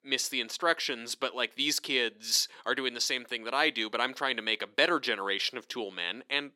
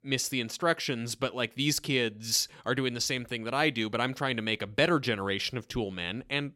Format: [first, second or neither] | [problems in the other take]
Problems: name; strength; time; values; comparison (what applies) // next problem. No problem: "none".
second | thin; somewhat; fading below 300 Hz